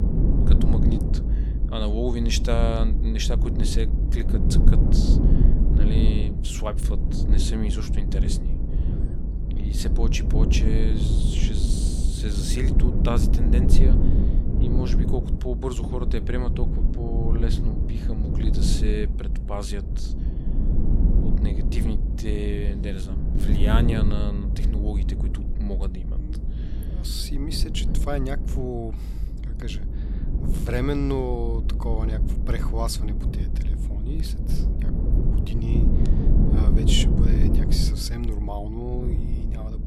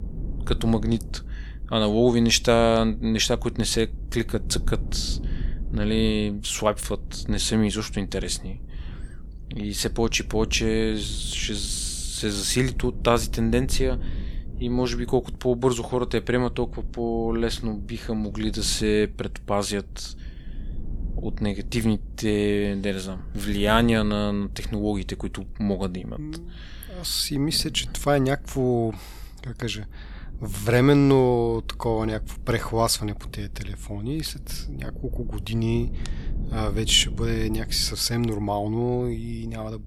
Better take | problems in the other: second | low rumble; loud; throughout; 3 dB below the speech; faint in the second

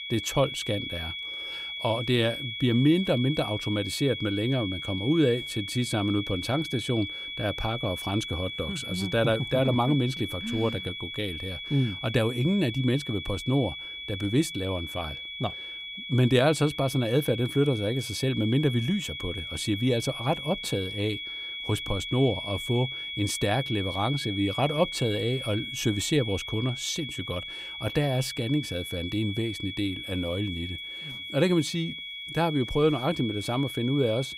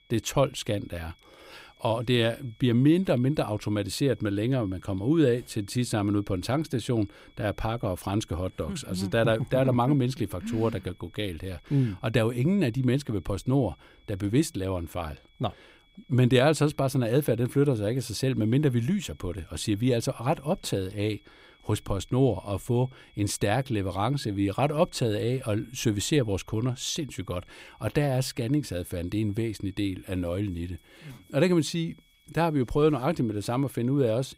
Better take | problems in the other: second | high-pitched whine; loud; throughout; 3.5 kHz, 6 dB below the speech; faint in the second

